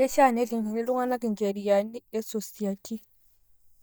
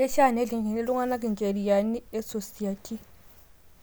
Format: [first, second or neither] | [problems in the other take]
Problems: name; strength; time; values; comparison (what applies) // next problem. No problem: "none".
second | noise reduction (neural mask model DeepFilterNet 3)